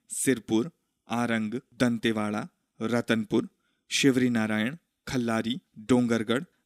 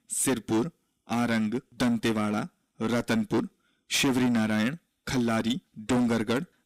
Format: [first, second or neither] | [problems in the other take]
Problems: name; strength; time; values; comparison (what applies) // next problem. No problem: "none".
first | distortion; heavy; 11% of the sound clipped